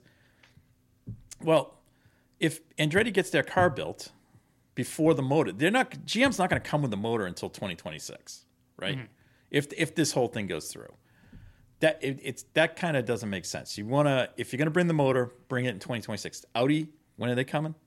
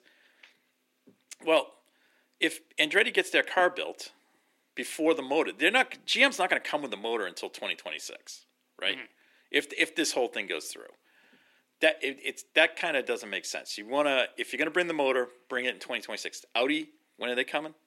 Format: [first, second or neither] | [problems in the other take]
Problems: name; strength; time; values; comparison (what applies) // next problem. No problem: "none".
first | thin; somewhat; fading below 300 Hz